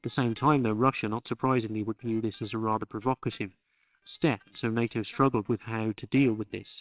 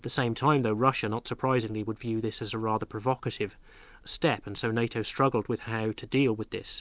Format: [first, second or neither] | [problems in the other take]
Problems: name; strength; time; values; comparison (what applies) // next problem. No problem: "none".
second | noise reduction (neural separator model SepFormer WHAMR!)